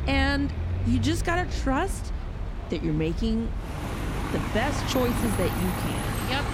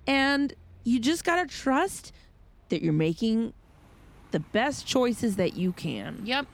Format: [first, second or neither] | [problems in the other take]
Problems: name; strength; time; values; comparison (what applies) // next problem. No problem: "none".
second | traffic noise; loud; throughout; 2 dB below the speech; faint in the second